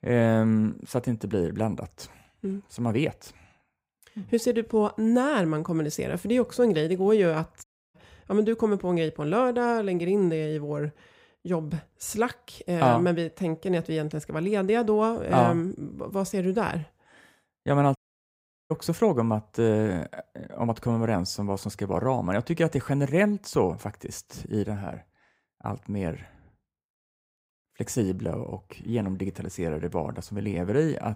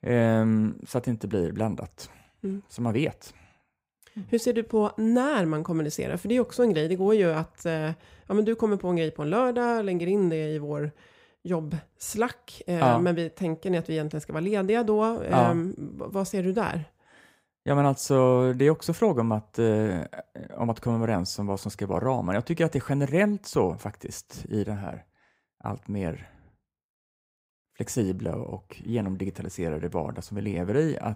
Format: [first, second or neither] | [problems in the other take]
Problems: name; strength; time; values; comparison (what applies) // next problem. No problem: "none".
second | audio cutting out; at 7.5 s and at 18 s for 0.5 s